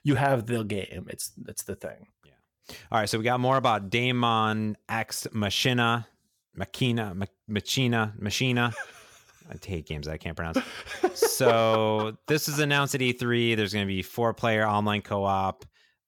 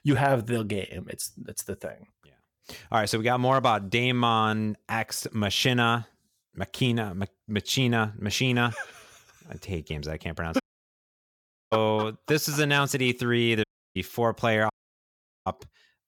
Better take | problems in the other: first | audio cutting out; at 11 s for 1 s, at 14 s and at 15 s for 1 s

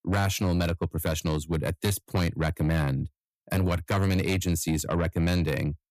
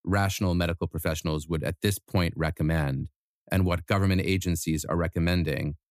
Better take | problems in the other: second | distortion; slight; 10 dB below the speech

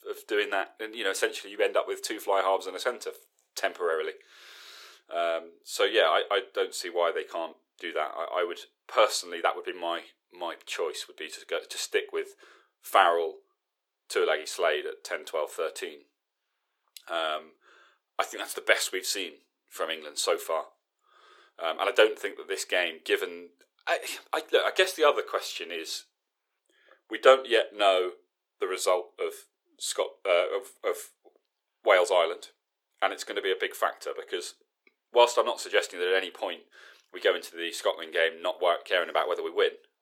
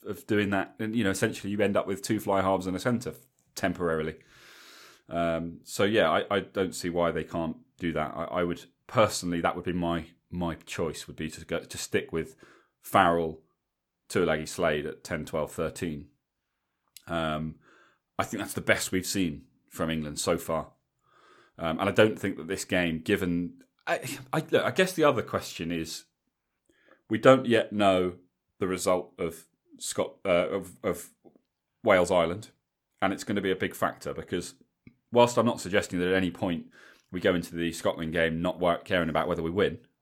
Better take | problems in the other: second | thin; very; fading below 400 Hz

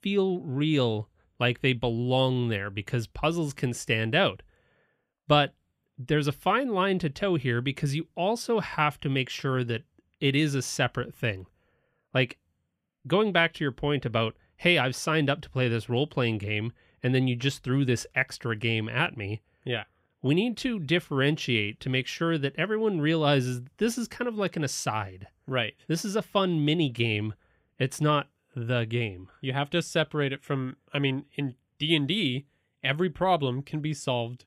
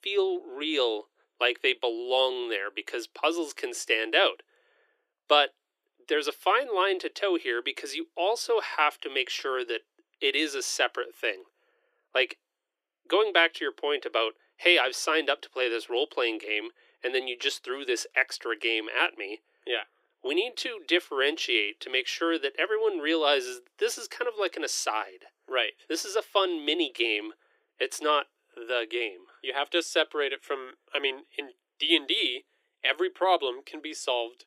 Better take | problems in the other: first | thin; very; fading below 350 Hz

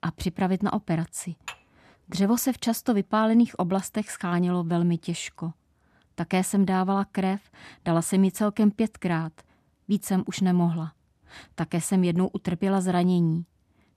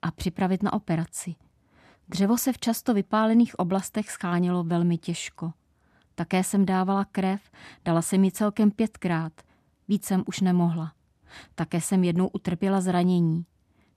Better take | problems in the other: second | clattering dishes; faint; at 1.5 s; peak 15 dB below the speech

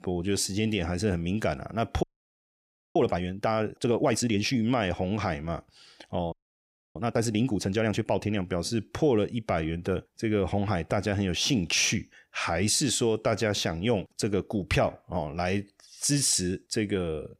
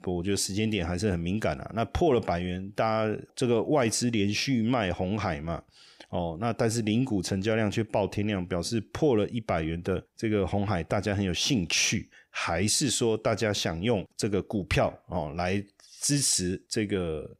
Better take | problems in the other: second | audio freezing; at 2 s for 1 s and at 6.5 s for 0.5 s

